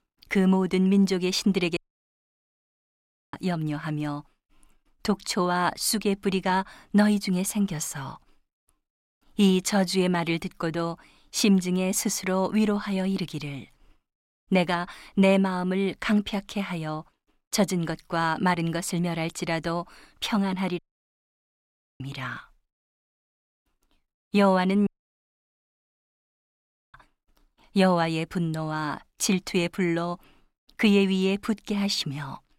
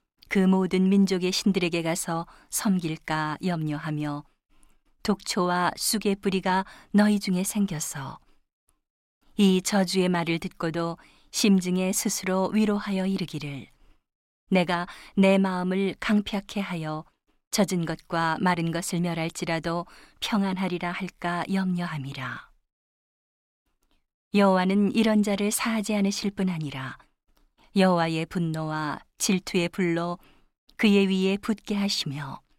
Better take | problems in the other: second | audio cutting out; at 2 s for 1.5 s, at 21 s for 1 s and at 25 s for 2 s

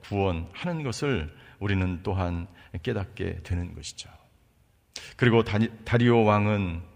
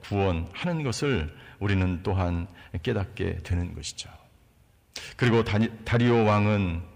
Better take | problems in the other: first | distortion; slight; 10 dB below the speech

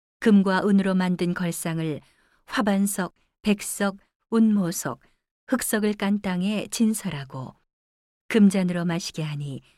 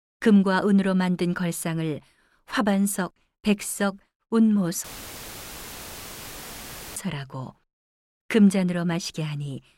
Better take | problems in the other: first | audio cutting out; filled with static; at 5 s for 2 s

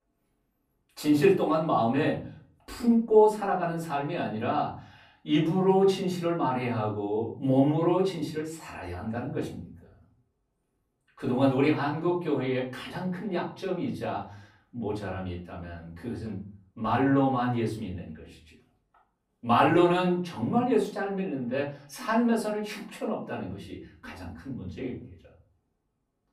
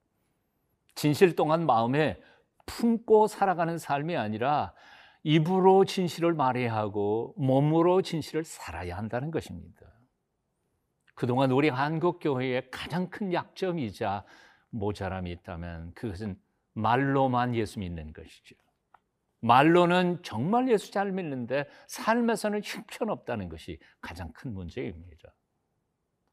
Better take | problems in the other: second | room echo; slight; dies away in 0.4 s // off-mic speech; far

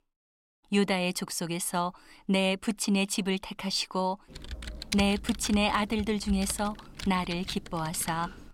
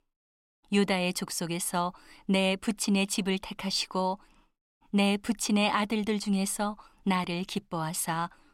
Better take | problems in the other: second | keyboard typing; noticeable; from 4.5 s on; peak 6 dB below the speech

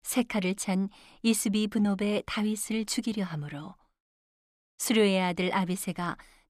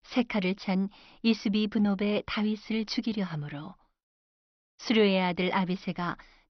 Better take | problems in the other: first | garbled, watery; slightly; nothing above 6 kHz

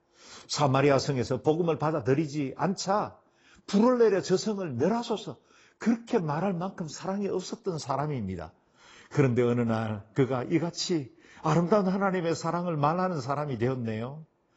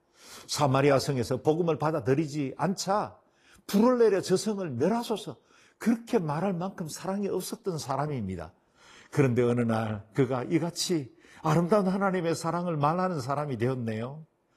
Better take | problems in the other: second | garbled, watery; badly; nothing above 7.5 kHz; slightly in the second

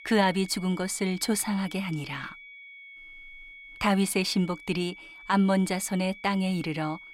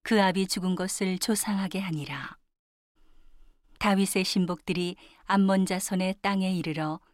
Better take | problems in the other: second | high-pitched whine; noticeable; throughout; 2.5 kHz, 15 dB below the speech

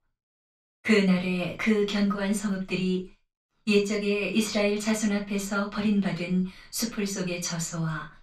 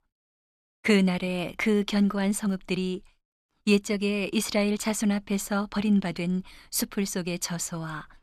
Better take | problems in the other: second | room echo; noticeable; dies away in 0.2 s // off-mic speech; far

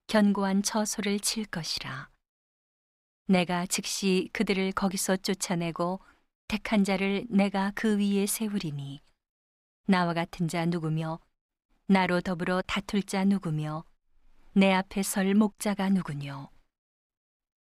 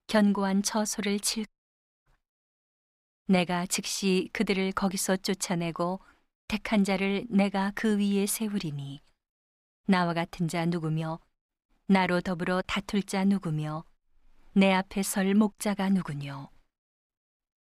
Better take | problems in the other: first | audio cutting out; at 1.5 s for 0.5 s

